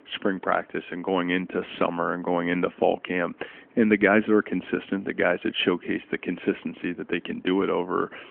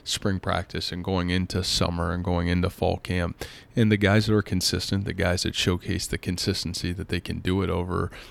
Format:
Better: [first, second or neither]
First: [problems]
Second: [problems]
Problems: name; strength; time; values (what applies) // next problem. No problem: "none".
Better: second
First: phone-call audio; nothing above 3.5 kHz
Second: none